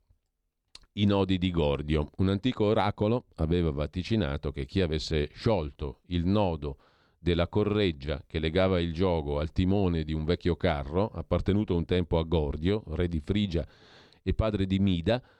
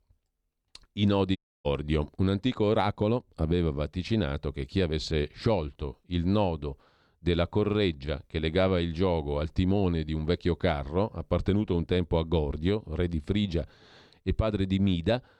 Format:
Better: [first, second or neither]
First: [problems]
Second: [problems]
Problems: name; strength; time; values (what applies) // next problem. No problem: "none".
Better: first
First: none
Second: audio cutting out; at 1.5 s